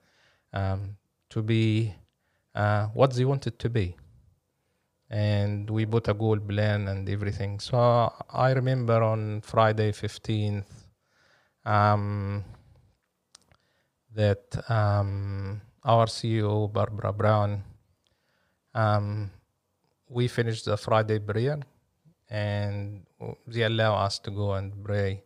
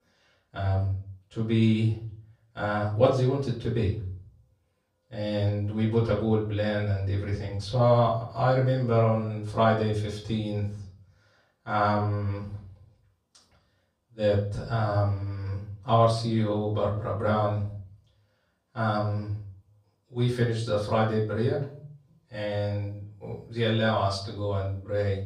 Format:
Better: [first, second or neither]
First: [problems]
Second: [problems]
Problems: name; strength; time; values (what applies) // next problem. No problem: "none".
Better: first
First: none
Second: room echo; slight; dies away in 0.5 s // off-mic speech; far